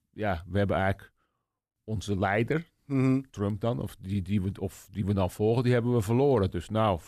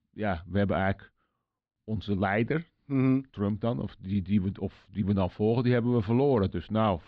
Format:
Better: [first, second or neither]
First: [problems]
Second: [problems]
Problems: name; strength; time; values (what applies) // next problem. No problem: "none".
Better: first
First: none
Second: muffled; very slightly; fading above 4 kHz